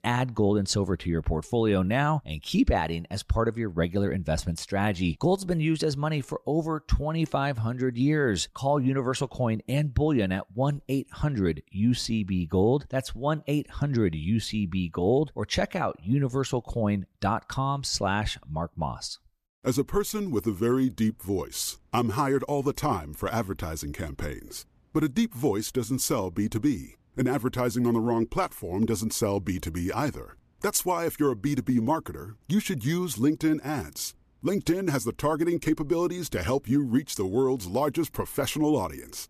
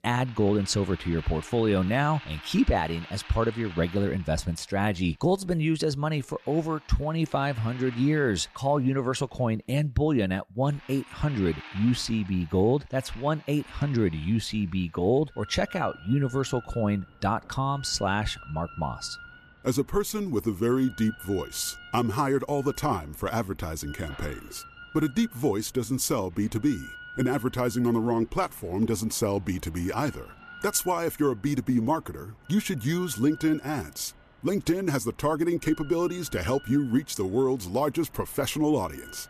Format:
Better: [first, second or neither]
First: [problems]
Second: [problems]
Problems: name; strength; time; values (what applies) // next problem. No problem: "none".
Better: first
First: none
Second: machinery noise; noticeable; throughout; 20 dB below the speech